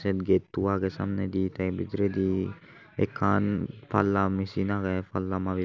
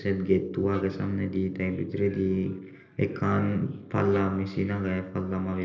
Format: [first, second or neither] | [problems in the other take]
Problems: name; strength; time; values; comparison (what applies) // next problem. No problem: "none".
first | noise reduction (neural separator model SepFormer DNS4)